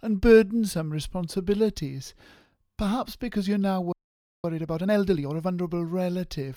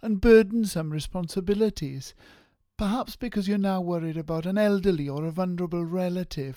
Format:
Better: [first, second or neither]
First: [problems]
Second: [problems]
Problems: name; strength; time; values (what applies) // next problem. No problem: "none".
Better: second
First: audio freezing; at 4 s for 0.5 s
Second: none